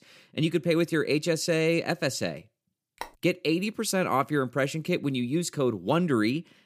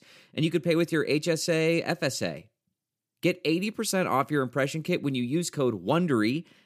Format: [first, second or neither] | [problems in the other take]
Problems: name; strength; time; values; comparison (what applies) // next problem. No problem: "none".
second | phone ringing; faint; at 3 s; peak 15 dB below the speech